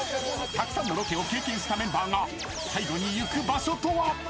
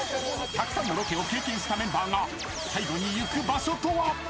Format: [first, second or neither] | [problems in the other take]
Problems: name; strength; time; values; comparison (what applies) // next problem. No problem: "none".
first | background sound (Toilet flush); 13 dB below the speech